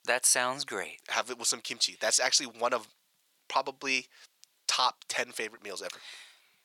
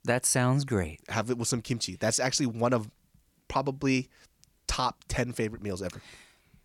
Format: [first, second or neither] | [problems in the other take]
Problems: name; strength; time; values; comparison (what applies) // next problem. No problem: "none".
second | thin; very; fading below 700 Hz